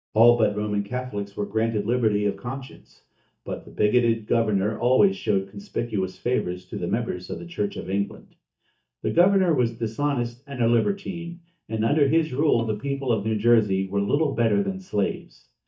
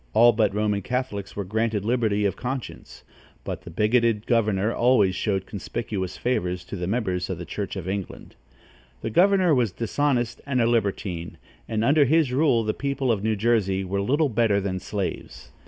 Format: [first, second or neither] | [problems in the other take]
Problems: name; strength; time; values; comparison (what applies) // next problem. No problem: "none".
second | noise reduction (neural mask model DeepFilterNet 3)